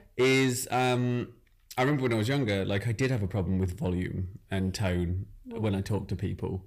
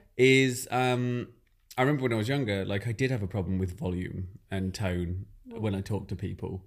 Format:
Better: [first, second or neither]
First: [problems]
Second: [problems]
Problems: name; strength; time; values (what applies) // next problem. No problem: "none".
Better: second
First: distortion; slight; 10 dB below the speech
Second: none